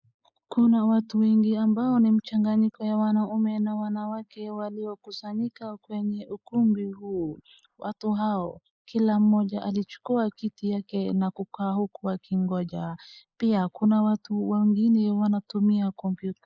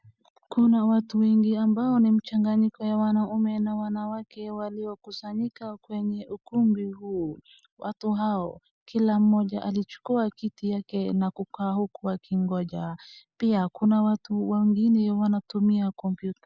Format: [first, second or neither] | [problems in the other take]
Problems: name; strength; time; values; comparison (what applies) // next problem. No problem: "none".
second | noise reduction (neural mask model Resemble Enhance denoiser)